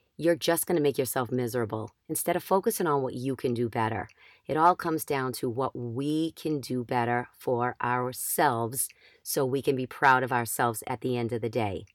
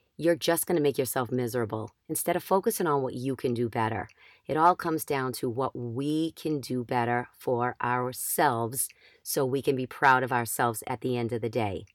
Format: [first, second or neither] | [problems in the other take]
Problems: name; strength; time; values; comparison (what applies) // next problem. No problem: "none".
neither | none